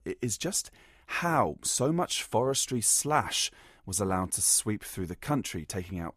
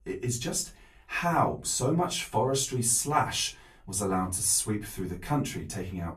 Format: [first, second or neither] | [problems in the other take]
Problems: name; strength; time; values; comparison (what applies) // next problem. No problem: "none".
first | off-mic speech; far // room echo; very slight; dies away in 0.2 s